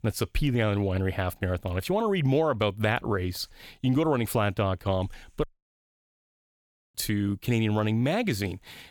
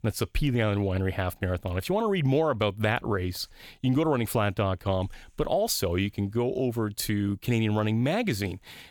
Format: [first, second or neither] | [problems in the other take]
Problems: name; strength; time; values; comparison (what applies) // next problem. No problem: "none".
second | audio cutting out; at 5.5 s for 1.5 s